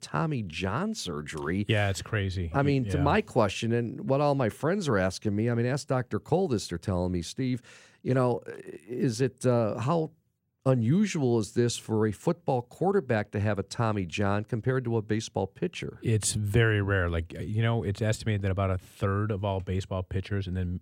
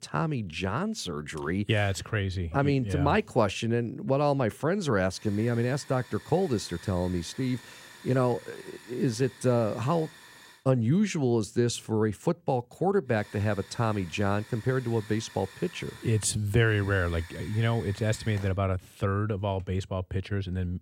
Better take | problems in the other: first | hiss; noticeable; from 5 to 11 s and from 13 to 19 s; 20 dB below the speech

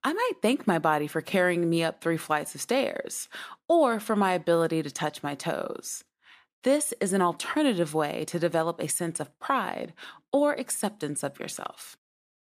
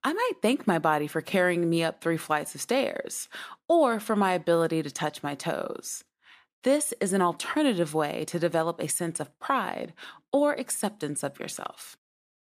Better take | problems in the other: neither | none

